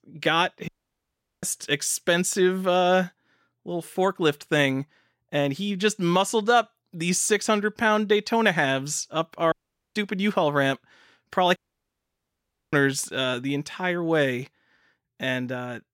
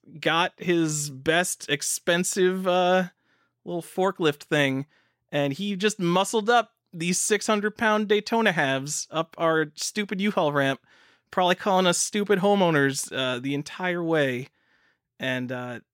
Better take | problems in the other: second | audio cutting out; at 0.5 s for 0.5 s, at 9.5 s and at 12 s for 1 s

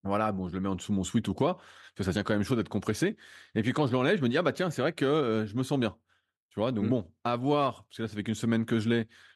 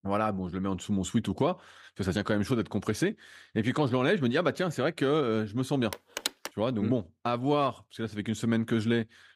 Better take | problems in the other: first | phone ringing; noticeable; at 6 s; peak 4 dB below the speech

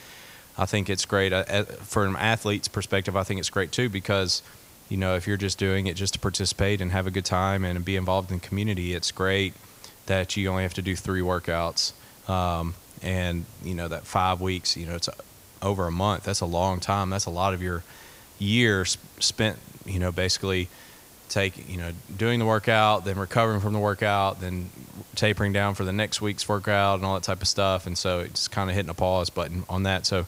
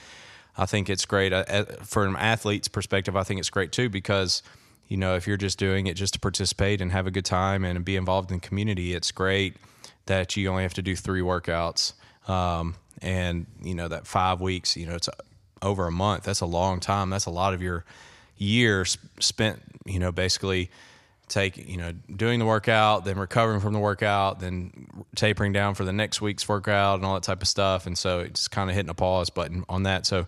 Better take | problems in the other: second | hiss; faint; throughout; 25 dB below the speech

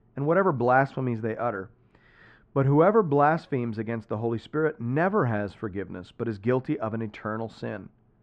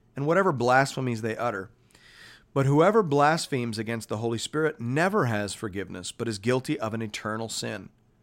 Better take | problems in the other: second | muffled; very; fading above 1.5 kHz

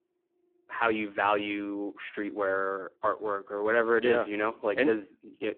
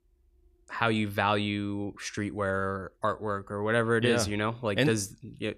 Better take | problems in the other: second | phone-call audio; poor line

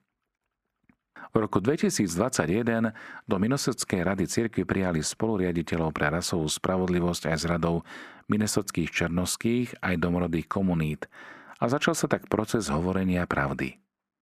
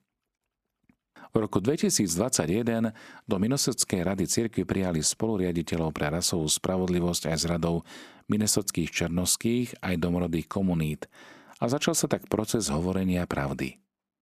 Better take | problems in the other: second | muffled; slightly; fading above 3.5 kHz

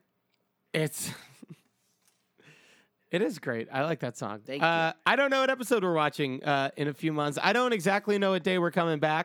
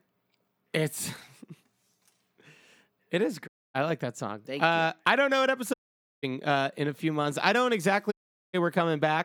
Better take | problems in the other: first | audio cutting out; at 3.5 s, at 5.5 s and at 8 s

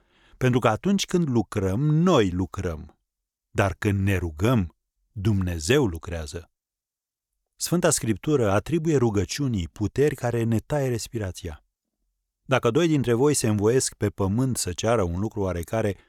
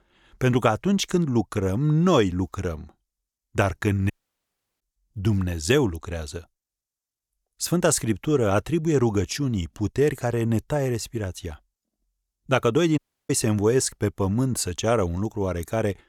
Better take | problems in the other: first | audio cutting out; at 4 s for 0.5 s and at 13 s

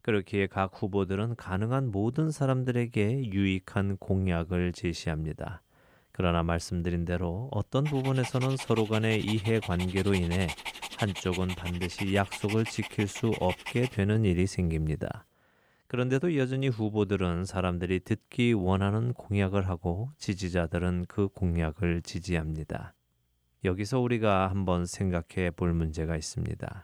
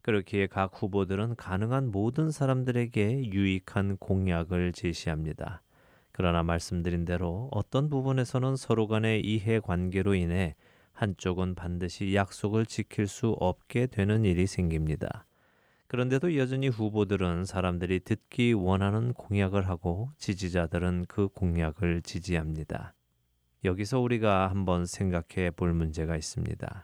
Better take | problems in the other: second | dog barking; noticeable; from 8 to 14 s; peak 7 dB below the speech

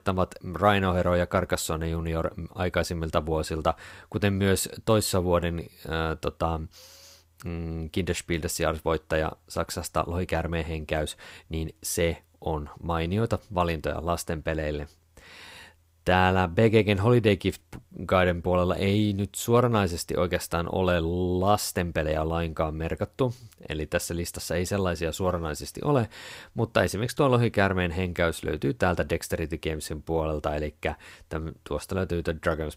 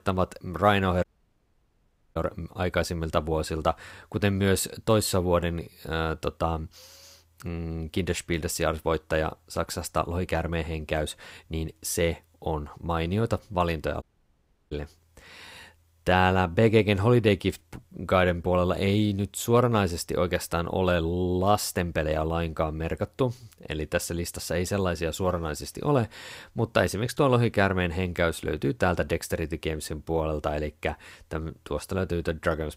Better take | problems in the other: first | audio cutting out; at 1 s for 1 s and at 14 s for 0.5 s

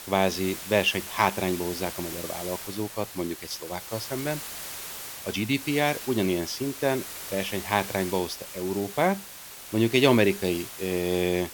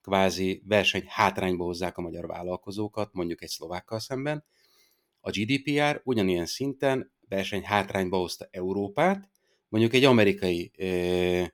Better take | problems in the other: second | hiss; loud; throughout; 9 dB below the speech

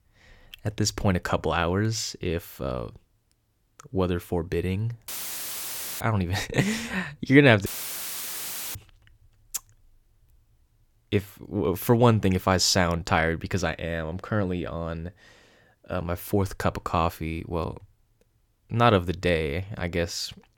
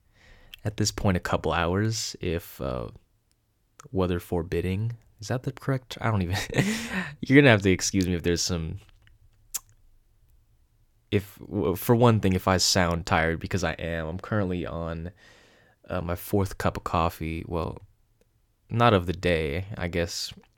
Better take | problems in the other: second | audio cutting out; filled with static; at 5 s for 1 s and at 7.5 s for 1 s

